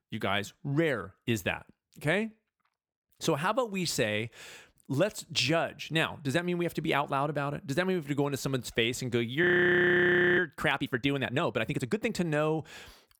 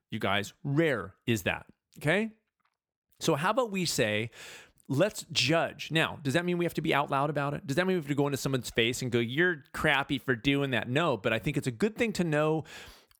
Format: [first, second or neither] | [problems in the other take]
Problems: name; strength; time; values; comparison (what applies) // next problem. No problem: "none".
second | audio freezing; at 9.5 s for 1 s